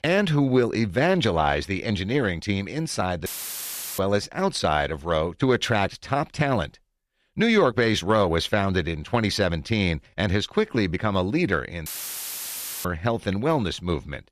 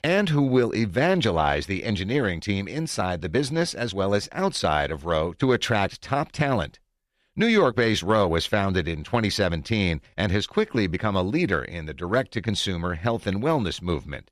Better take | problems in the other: second | audio cutting out; filled with static; at 3.5 s for 0.5 s and at 12 s for 1 s

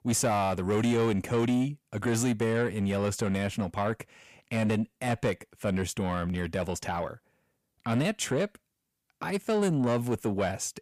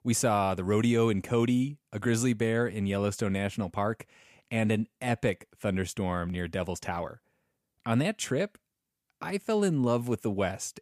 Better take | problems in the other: second | distortion; slight; 10 dB below the speech

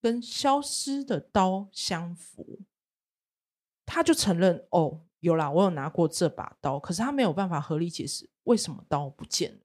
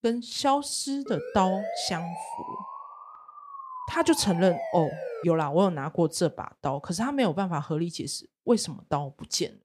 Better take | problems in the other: first | siren; noticeable; from 1 to 5 s; peak 6 dB below the speech

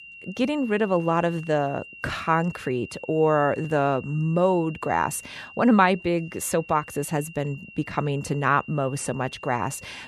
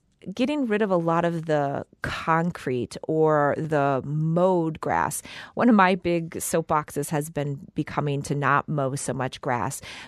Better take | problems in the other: second | high-pitched whine; noticeable; throughout; 3 kHz, 20 dB below the speech

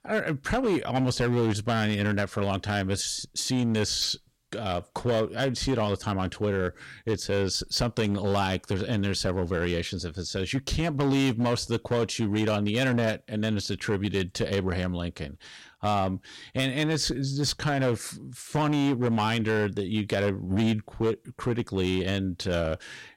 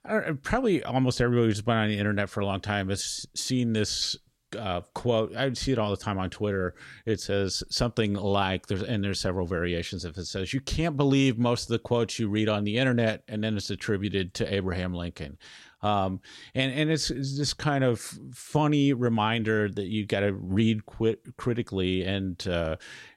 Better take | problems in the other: second | distortion; slight; 8% of the sound clipped

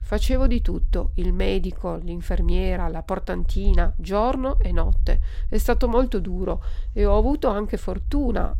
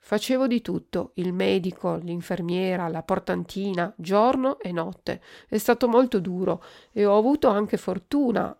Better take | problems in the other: second | low rumble; faint; throughout; 25 dB below the speech

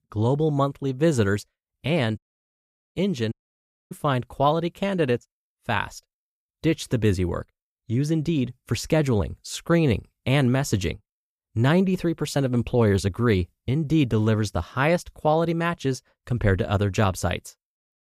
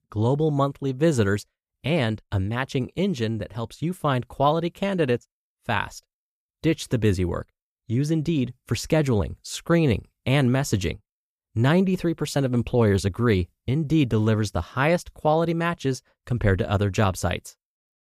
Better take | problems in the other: second | audio cutting out; at 2 s for 1 s and at 3.5 s for 0.5 s

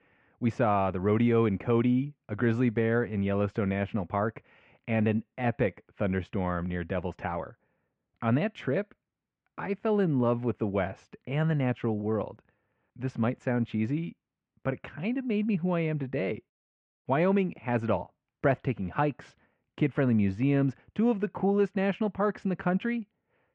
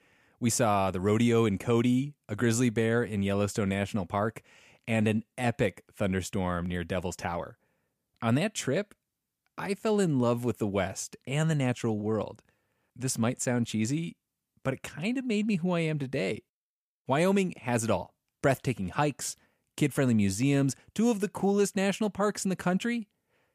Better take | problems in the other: second | muffled; very; fading above 2.5 kHz

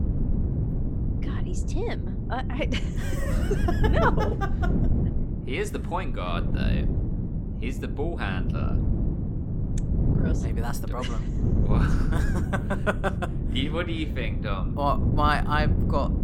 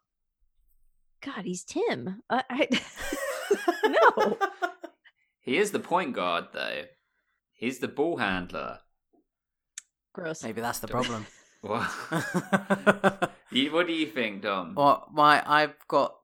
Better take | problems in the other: second | wind noise on the microphone; heavy; 8 dB below the speech

